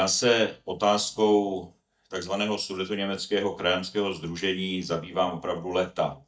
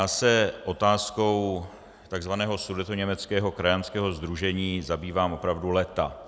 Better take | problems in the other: second | noise reduction (neural mask model DeepFilterNet 3)

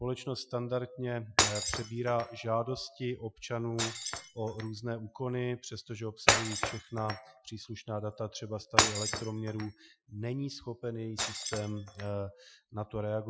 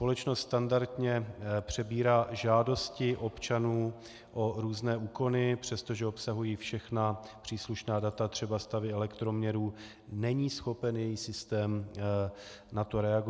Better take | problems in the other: second | noise reduction (classical method Wiener filter)

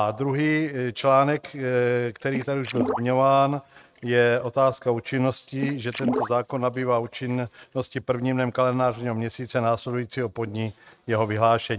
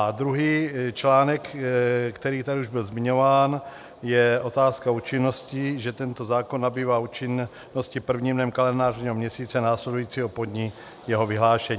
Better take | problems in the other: second | noise reduction (neural mask model RNNoise)

